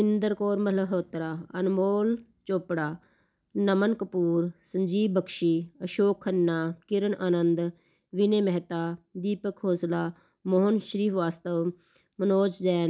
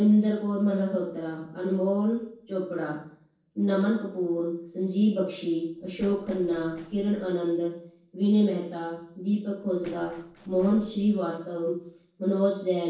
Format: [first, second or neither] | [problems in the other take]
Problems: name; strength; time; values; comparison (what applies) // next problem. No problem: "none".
first | noise reduction (neural separator model SepFormer DNS4)